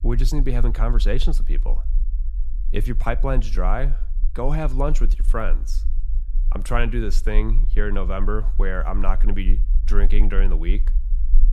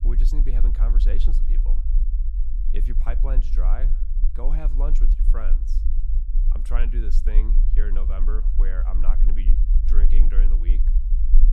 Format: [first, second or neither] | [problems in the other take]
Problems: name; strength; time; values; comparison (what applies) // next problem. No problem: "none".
first | low rumble; loud; throughout; 7 dB below the speech; faint in the first